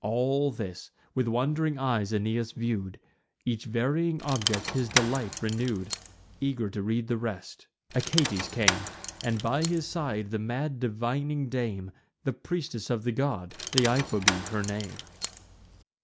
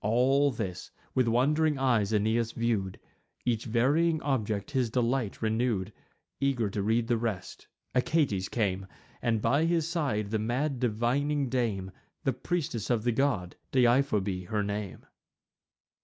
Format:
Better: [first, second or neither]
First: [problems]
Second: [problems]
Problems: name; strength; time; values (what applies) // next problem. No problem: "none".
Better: second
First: background sound (Rattle / Keys jangling); 3 dB below the speech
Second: none